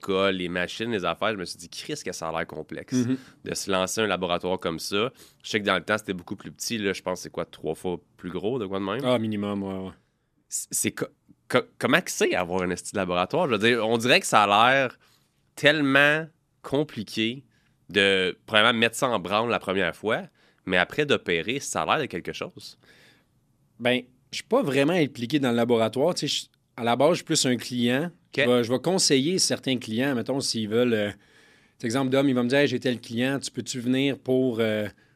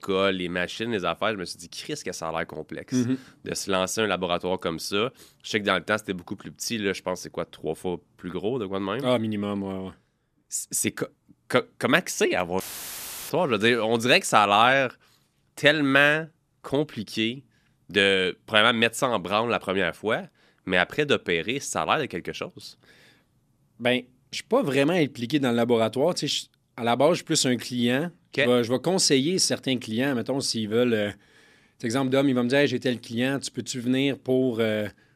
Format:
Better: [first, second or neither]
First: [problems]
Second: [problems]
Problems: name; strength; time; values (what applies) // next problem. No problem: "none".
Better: first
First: none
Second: audio cutting out; filled with static; at 13 s for 0.5 s